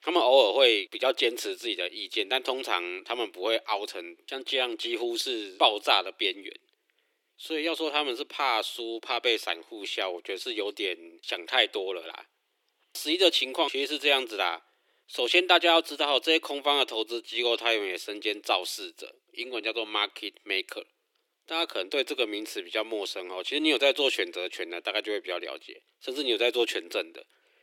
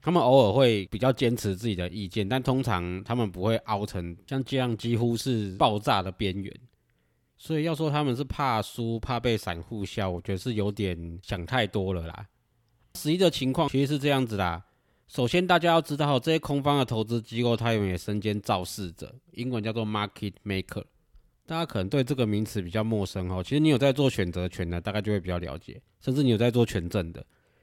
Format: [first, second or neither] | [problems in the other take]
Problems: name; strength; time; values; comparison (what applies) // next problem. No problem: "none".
second | thin; very; fading below 350 Hz